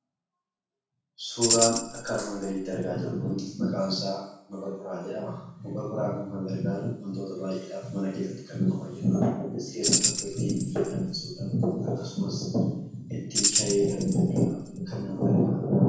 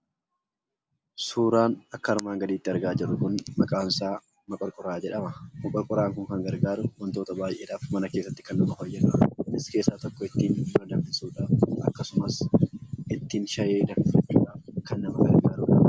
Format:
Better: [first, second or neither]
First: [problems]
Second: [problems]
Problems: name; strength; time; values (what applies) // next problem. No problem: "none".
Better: second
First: background sound (Tambourine); 2 dB below the speech // room echo; dies away in 0.6 s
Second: none